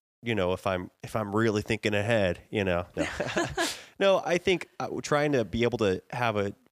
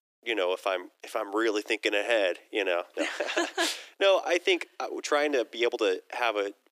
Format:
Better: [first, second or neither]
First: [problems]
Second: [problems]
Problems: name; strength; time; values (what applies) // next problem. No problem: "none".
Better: first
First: none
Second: thin; somewhat; fading below 300 Hz